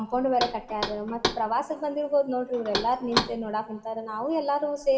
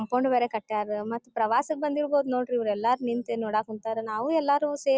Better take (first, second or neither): second